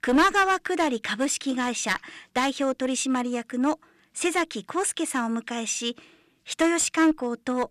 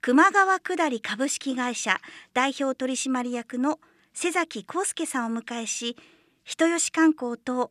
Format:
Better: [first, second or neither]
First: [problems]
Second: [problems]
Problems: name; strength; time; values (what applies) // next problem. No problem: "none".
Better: second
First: distortion; slight; 4% of the sound clipped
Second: none